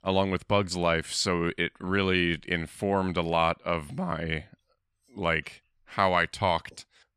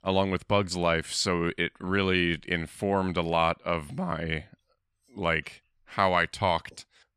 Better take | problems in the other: neither | none

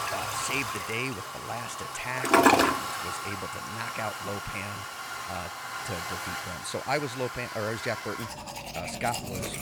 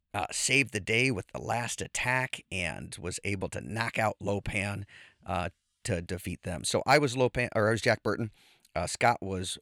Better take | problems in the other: second | household noises; very loud; throughout; 4 dB above the speech

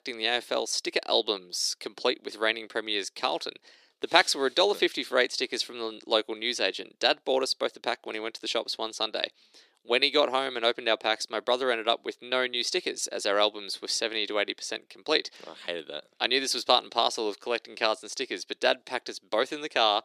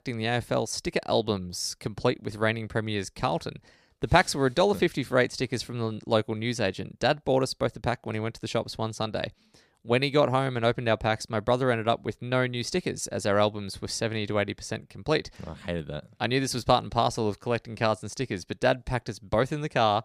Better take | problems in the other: second | thin; somewhat; fading below 350 Hz

